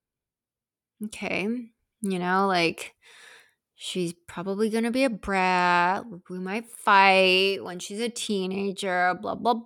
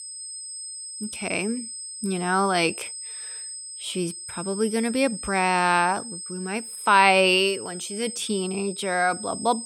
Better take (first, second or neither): first